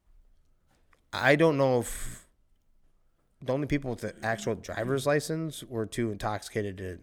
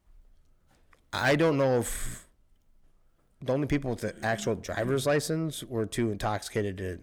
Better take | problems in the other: first | distortion; slight; 10 dB below the speech

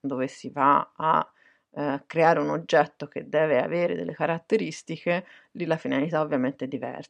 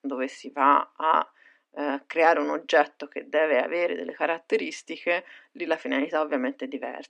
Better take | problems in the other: first | thin; very slightly; fading below 250 Hz

